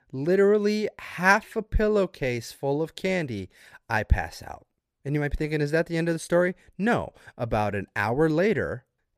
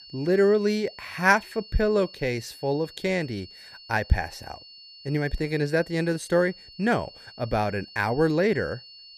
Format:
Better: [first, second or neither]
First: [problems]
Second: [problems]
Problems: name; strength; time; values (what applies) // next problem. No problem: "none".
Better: first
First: none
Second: high-pitched whine; noticeable; throughout; 4.5 kHz, 20 dB below the speech